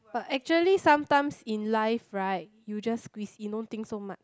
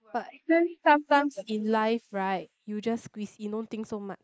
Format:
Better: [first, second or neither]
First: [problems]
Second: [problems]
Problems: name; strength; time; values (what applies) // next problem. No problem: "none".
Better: first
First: none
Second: noise reduction (neural mask model Resemble Enhance denoiser)